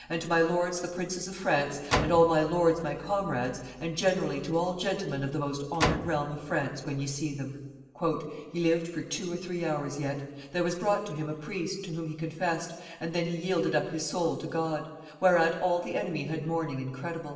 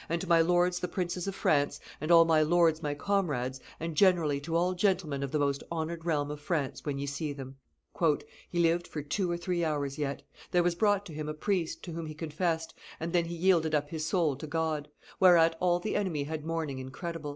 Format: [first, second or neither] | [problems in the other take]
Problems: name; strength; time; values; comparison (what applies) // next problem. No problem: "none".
second | background sound (Slam); 6 dB below the speech // room echo; dies away in 1.2 s